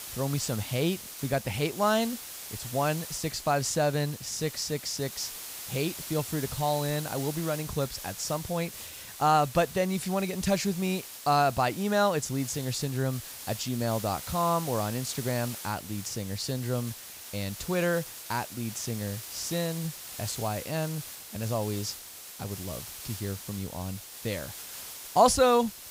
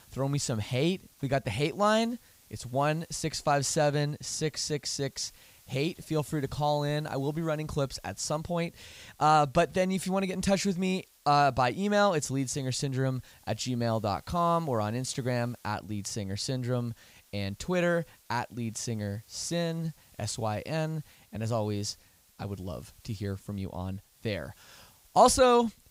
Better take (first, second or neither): second